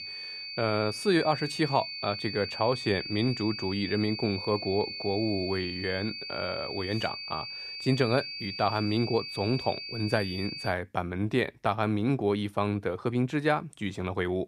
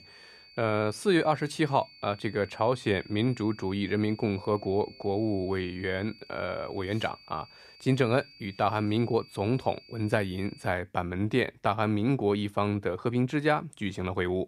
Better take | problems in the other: second | high-pitched whine; loud; until 11 s; 4.5 kHz, 6 dB below the speech; faint in the second

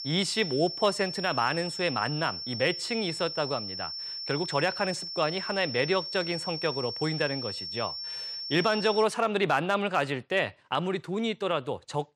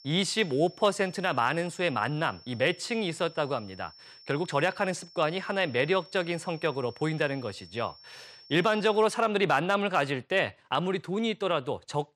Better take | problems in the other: second | high-pitched whine; loud; until 9 s; 5.5 kHz, 5 dB below the speech; faint in the second

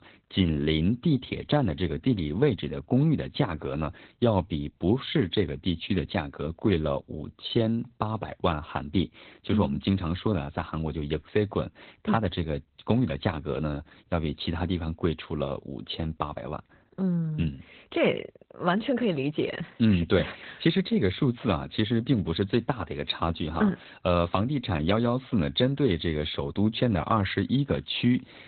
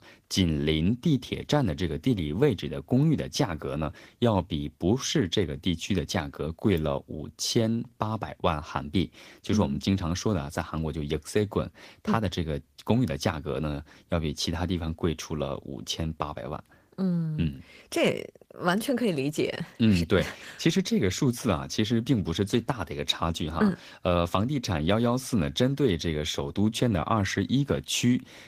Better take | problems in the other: second | garbled, watery; badly; nothing above 4 kHz; slightly in the second

